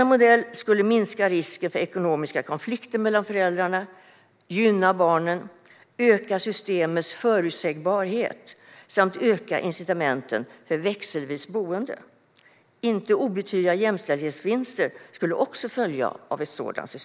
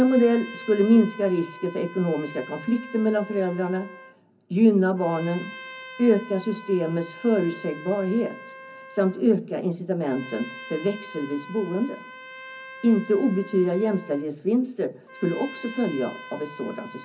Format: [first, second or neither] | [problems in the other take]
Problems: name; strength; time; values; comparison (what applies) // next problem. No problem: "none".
first | background sound (Trumpet); 17 dB below the speech // room echo; dies away in 0.4 s